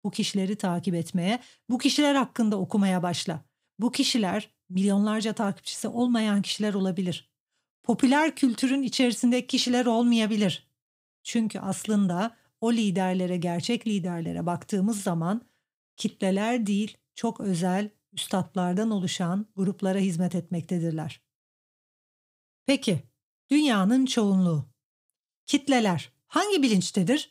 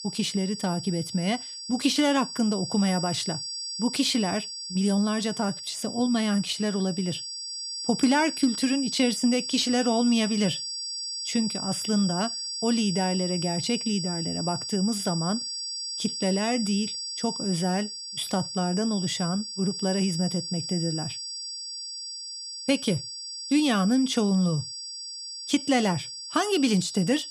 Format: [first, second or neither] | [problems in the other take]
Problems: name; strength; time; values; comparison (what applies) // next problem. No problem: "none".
first | high-pitched whine; loud; throughout; 5 kHz, 6 dB below the speech